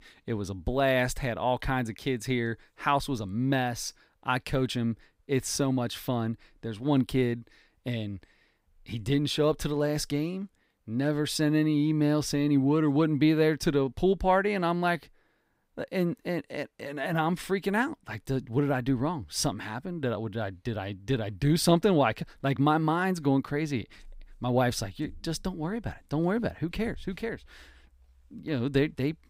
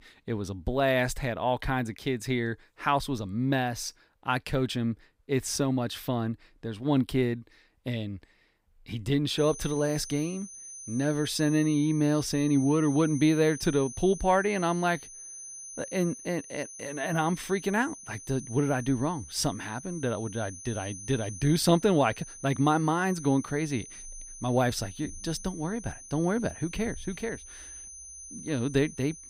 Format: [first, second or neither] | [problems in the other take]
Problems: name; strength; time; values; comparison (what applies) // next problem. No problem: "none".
first | high-pitched whine; noticeable; from 9.5 s on; 6 kHz, 15 dB below the speech